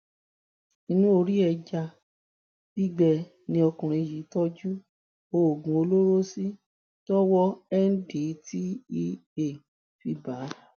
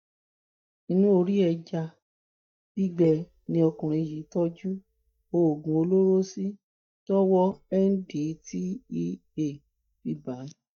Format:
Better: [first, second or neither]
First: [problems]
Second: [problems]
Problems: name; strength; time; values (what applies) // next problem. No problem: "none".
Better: first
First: none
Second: noise reduction (neural mask model DeepFilterNet 3)